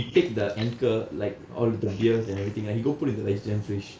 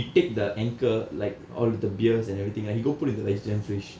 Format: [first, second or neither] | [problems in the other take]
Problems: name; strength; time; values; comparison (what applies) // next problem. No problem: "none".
second | noise reduction (neural mask model Resemble Enhance denoiser)